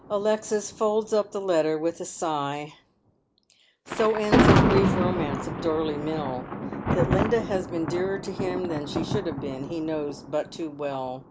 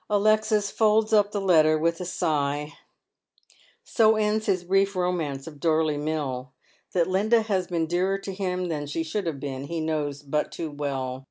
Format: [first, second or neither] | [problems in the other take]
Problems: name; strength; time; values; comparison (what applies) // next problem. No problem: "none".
second | background sound (Thunder); as loud as the speech